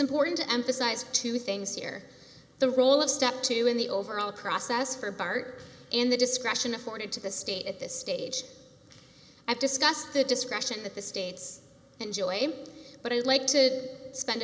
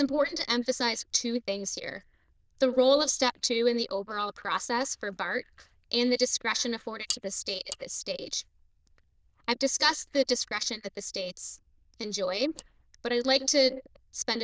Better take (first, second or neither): first